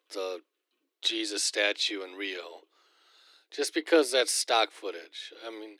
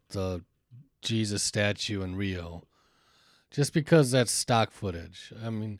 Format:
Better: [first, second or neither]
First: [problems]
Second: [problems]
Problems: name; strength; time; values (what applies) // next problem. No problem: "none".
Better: second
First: thin; very; fading below 300 Hz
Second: none